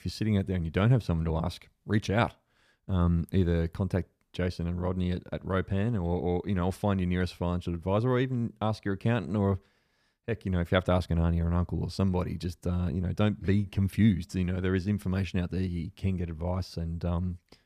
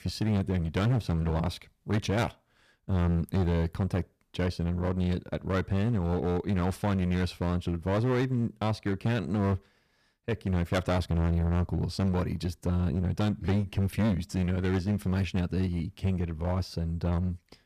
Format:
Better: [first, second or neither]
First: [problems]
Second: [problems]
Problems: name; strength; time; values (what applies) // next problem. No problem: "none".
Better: first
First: none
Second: distortion; slight; 13% of the sound clipped